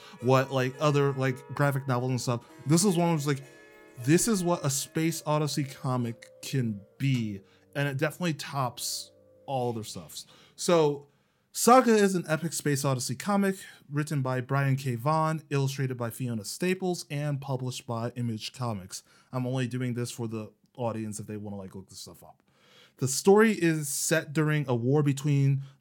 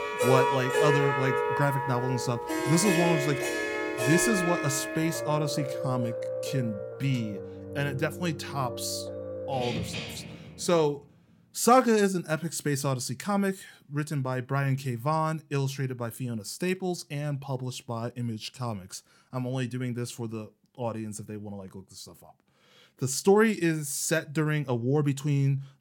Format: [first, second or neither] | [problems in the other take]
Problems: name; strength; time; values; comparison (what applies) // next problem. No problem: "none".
first | background music; loud; until 10 s; 2 dB below the speech; faint in the first